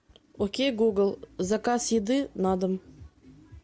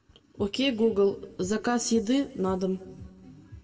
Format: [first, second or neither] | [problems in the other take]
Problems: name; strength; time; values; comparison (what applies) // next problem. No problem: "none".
first | room echo; dies away in 1.1 s